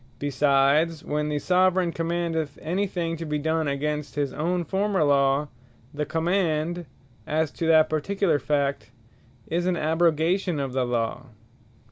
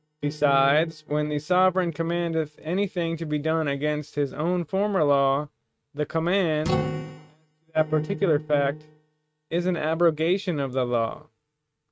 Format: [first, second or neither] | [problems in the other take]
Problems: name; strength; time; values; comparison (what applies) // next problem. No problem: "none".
first | noise reduction (neural mask model RNNoise)